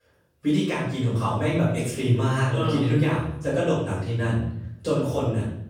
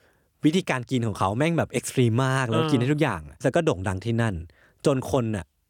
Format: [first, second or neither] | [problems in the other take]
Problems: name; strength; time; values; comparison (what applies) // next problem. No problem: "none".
second | room echo; noticeable; dies away in 0.8 s // off-mic speech; far